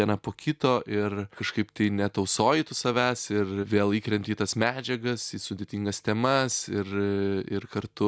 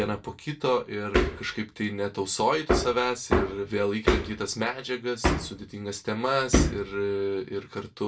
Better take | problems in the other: first | background sound (Hammer); 1 dB below the speech // room echo; dies away in 0.2 s

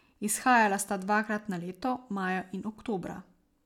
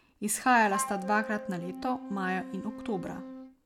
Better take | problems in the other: first | background sound (Wind instrument, woodwind instrument); 10 dB below the speech

